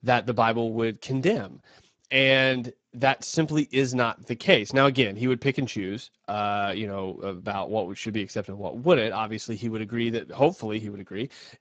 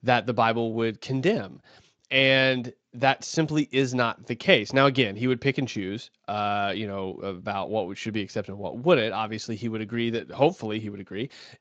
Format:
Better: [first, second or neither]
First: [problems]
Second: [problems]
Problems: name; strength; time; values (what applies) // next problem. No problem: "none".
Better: second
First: garbled, watery; badly; nothing above 7.5 kHz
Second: garbled, watery; slightly